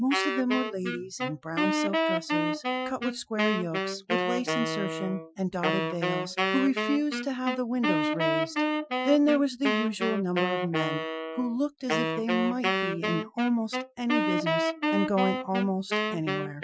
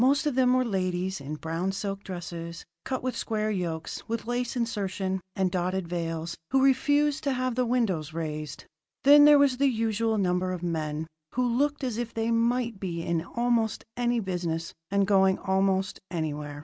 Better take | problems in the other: second | noise reduction (classical method Wiener filter)

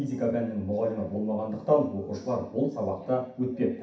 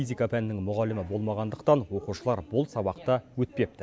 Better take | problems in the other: second | room echo; dies away in 0.6 s

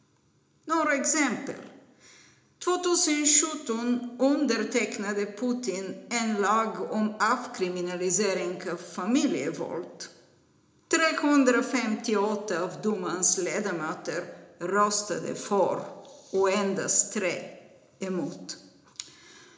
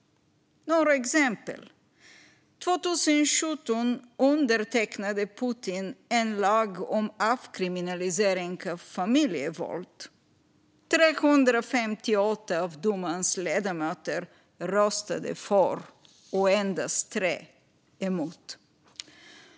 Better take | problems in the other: second | room echo; dies away in 0.8 s

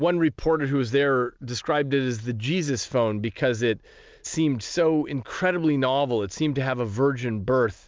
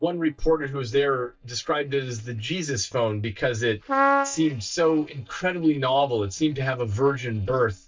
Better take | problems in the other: first | noise reduction (neural mask model DeepFilterNet 3)

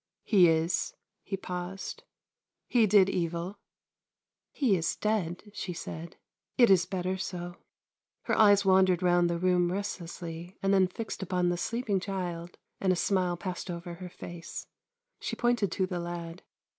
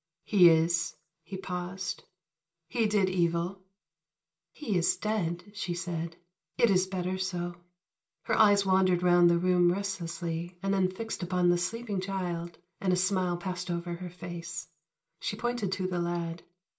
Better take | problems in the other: first | room echo; dies away in 0.2 s

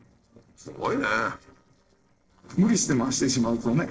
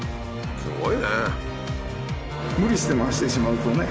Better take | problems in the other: second | noise reduction (neural separator model SepFormer DNS4)

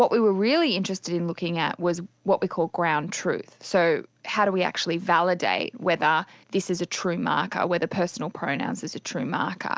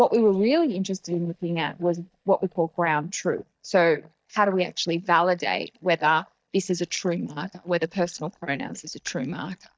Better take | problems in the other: first | noise reduction (neural mask model DeepFilterNet 3)

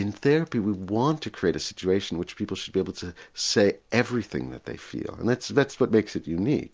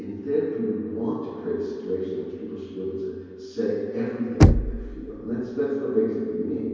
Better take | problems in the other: first | background sound (Knock); 5 dB above the speech // room echo; dies away in 2.2 s

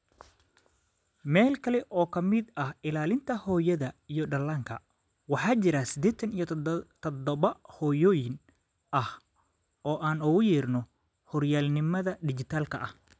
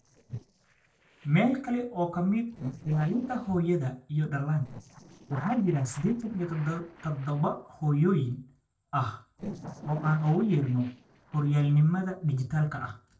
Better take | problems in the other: first | noise reduction (neural separator model SepFormer DNS4)

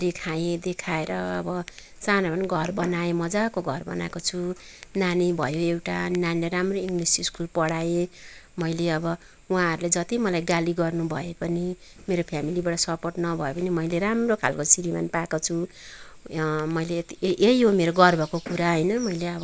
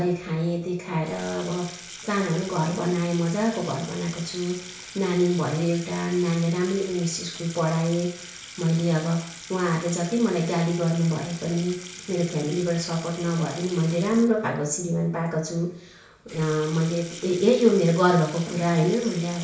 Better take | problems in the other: first | background sound (Sink (filling or washing) / Water tap, faucet); 17 dB below the speech // room echo; dies away in 0.6 s

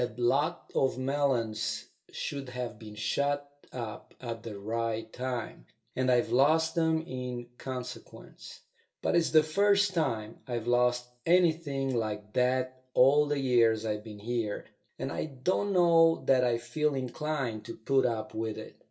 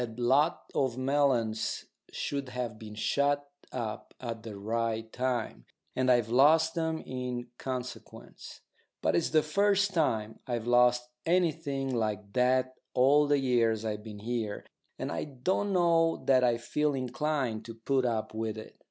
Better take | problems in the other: second | room echo; dies away in 0.2 s

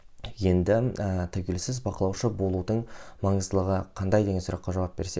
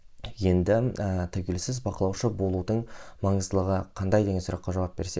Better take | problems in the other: first | noise reduction (neural mask model Resemble Enhance denoiser)

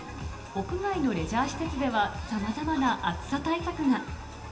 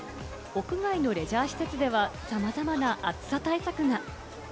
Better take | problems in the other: second | room echo; dies away in 0.8 s

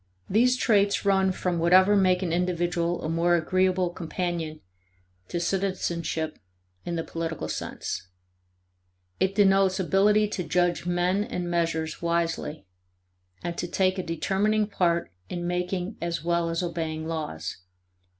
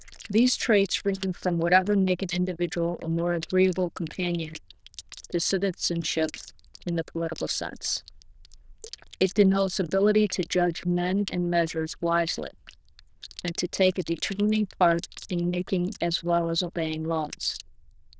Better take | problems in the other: first | noise reduction (neural diffusion model UNIVERSE++)

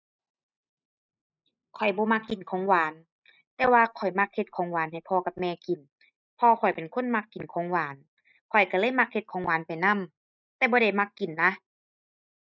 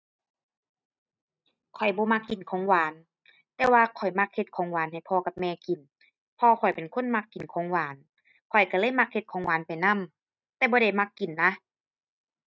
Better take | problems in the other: second | noise reduction (neural mask model Resemble Enhance denoiser)

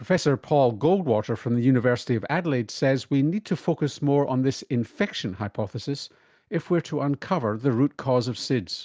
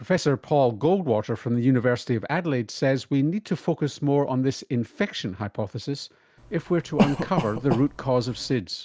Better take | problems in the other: first | background sound (Cough); 4 dB below the speech

